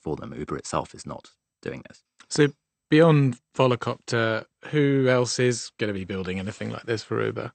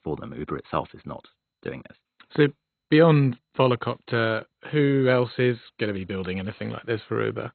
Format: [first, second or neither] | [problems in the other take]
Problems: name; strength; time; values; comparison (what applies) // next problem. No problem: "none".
first | garbled, watery; badly; nothing above 4 kHz; slightly in the first